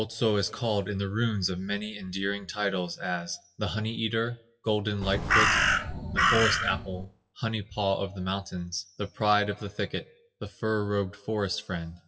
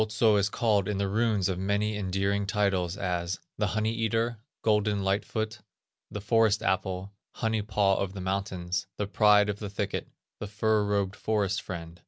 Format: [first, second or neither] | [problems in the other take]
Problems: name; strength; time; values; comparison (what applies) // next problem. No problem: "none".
second | noise reduction (classical method WPE with log-MMSE)